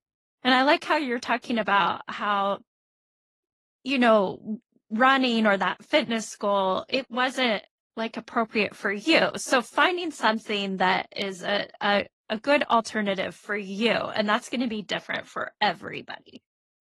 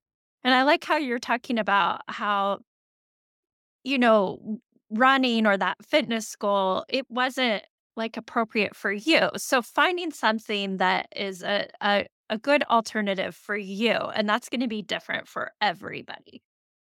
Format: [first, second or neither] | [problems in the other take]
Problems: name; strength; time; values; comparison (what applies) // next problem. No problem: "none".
second | garbled, watery; slightly; nothing above 11.5 kHz